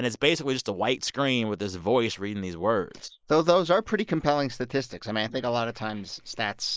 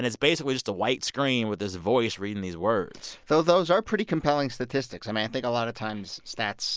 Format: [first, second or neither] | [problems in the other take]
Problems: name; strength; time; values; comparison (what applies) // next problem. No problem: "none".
second | noise reduction (neural mask model Resemble Enhance denoiser)